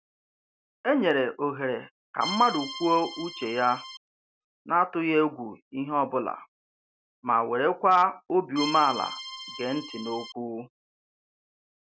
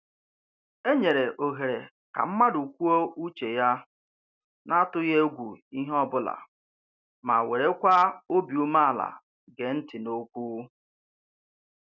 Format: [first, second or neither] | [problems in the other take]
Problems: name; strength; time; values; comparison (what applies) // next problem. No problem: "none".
second | background sound (Accordion); 10 dB below the speech